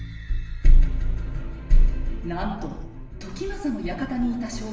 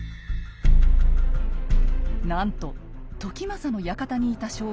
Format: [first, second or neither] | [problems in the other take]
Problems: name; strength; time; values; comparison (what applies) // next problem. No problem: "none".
second | room echo; dies away in 0.9 s